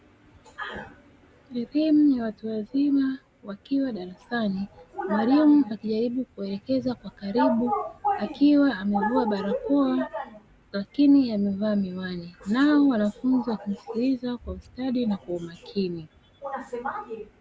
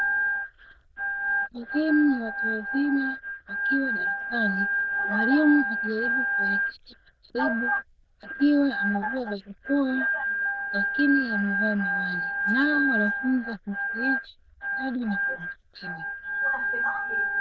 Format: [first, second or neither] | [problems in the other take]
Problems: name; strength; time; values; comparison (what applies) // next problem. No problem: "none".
first | noise reduction (neural diffusion model UNIVERSE++)